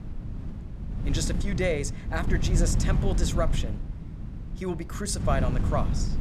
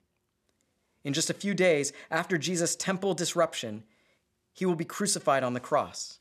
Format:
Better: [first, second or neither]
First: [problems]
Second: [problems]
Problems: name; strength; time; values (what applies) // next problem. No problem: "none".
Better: second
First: wind noise on the microphone; heavy; 9 dB below the speech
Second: none